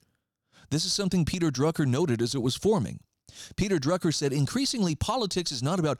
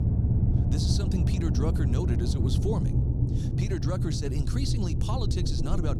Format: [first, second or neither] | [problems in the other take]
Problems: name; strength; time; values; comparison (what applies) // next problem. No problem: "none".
first | low rumble; loud; throughout; 2 dB below the speech